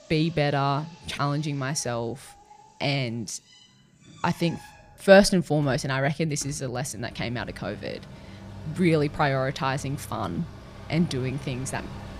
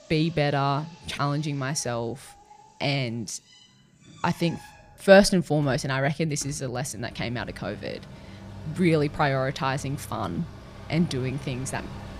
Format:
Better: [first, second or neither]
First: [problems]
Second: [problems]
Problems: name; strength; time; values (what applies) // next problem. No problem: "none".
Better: neither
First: machinery noise; noticeable; throughout; 20 dB below the speech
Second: machinery noise; noticeable; throughout; 20 dB below the speech